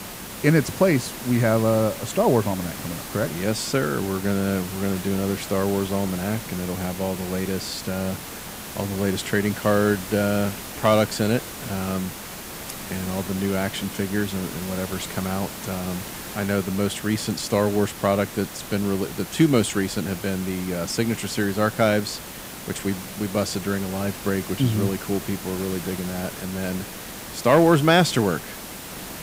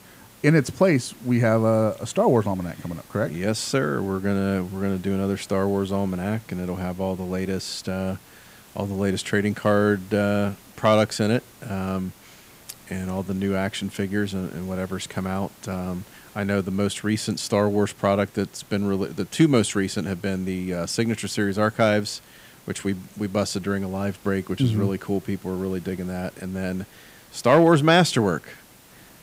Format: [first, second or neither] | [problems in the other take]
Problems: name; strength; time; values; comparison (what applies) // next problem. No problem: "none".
second | hiss; loud; throughout; 10 dB below the speech; faint in the second